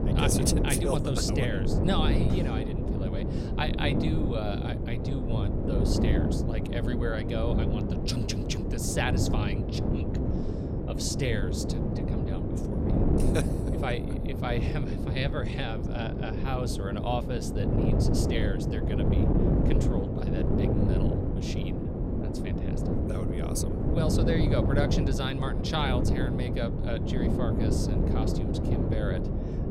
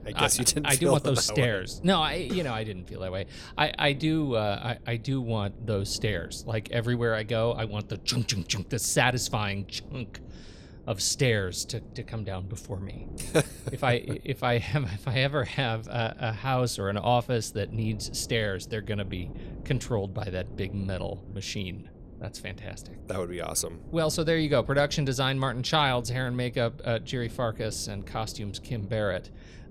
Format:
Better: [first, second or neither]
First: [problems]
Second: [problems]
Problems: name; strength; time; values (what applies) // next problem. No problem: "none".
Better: second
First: wind noise on the microphone; heavy; as loud as the speech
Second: wind noise on the microphone; occasional gusts; 25 dB below the speech